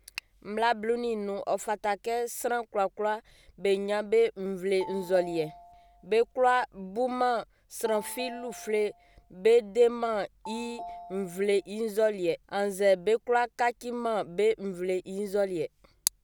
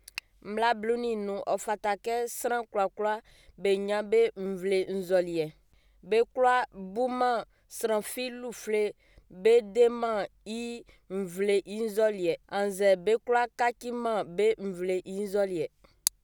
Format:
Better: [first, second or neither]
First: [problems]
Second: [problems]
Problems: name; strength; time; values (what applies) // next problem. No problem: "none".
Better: second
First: background sound (Telephone); 18 dB below the speech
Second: none